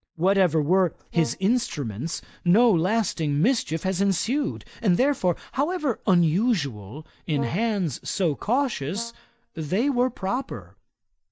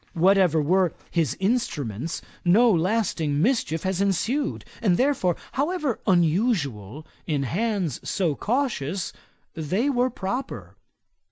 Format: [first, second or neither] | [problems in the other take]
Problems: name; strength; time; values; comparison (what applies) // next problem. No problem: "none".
second | noise reduction (neural mask model DeepFilterNet 3)